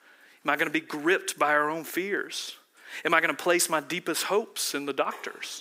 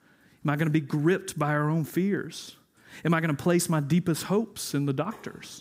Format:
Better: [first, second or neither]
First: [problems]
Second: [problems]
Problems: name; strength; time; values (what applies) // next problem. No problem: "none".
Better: second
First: thin; very; fading below 400 Hz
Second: none